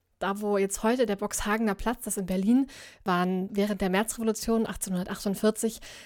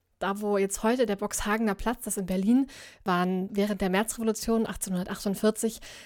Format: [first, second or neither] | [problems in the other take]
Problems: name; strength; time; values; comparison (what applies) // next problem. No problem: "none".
neither | none